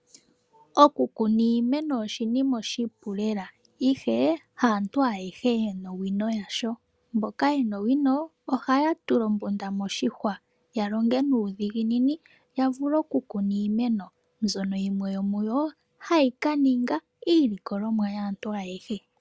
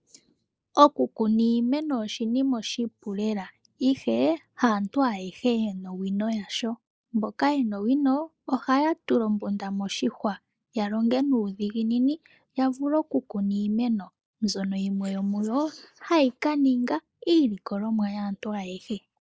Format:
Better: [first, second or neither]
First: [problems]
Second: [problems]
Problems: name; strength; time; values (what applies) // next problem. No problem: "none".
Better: first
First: none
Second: noise reduction (neural mask model Resemble Enhance denoiser)